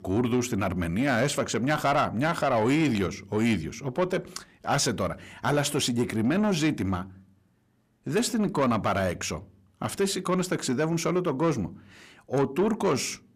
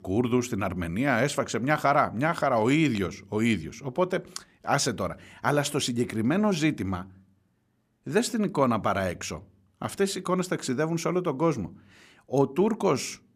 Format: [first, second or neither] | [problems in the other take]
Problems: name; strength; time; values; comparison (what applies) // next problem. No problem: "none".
second | distortion; slight; 10 dB below the speech